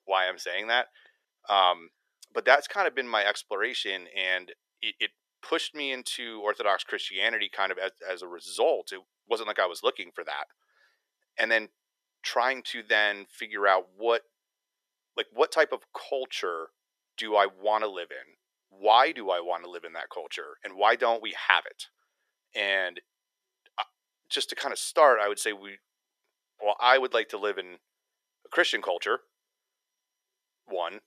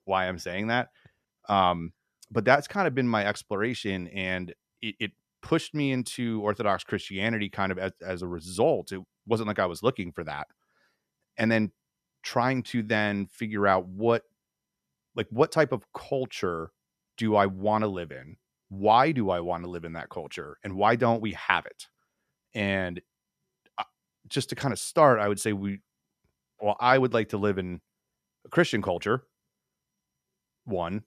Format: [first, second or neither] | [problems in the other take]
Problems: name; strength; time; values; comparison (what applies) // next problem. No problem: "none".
second | thin; very; fading below 400 Hz